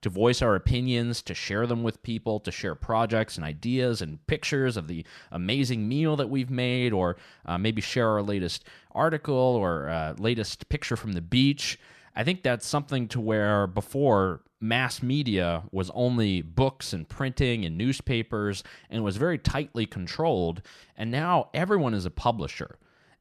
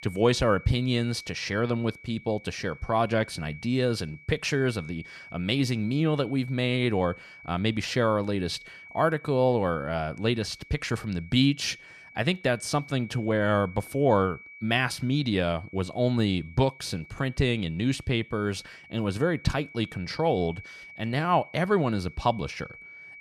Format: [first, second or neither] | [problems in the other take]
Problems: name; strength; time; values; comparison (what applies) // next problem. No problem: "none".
first | high-pitched whine; noticeable; throughout; 2.5 kHz, 20 dB below the speech